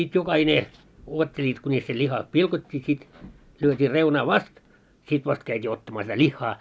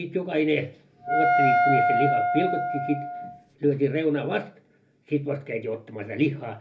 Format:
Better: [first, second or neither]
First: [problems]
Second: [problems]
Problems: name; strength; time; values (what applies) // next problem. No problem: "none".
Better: first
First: none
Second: background sound (Wind instrument, woodwind instrument); 4 dB above the speech // room echo; dies away in 0.3 s